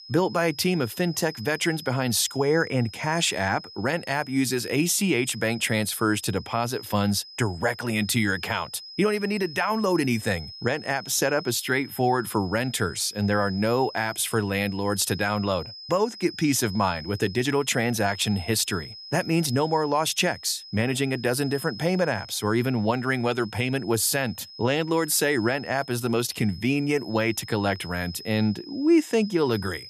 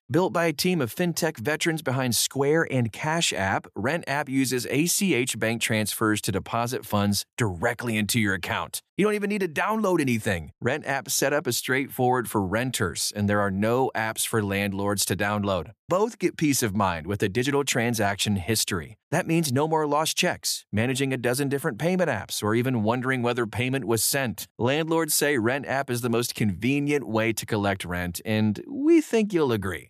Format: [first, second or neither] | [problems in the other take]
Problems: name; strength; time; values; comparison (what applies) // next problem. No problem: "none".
second | high-pitched whine; noticeable; throughout; 5 kHz, 15 dB below the speech